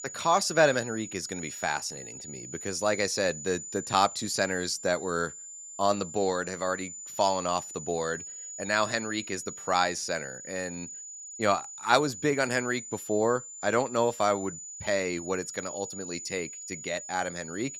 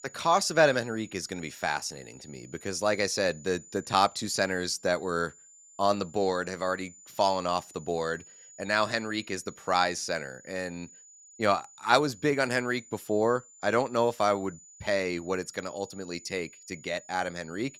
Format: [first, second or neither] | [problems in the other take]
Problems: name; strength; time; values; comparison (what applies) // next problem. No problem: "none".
second | high-pitched whine; loud; throughout; 7 kHz, 10 dB below the speech; faint in the second